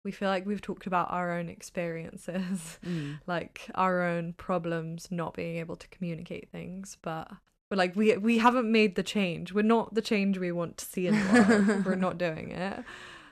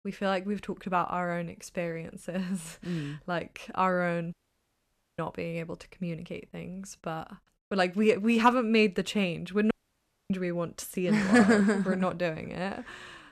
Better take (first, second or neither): first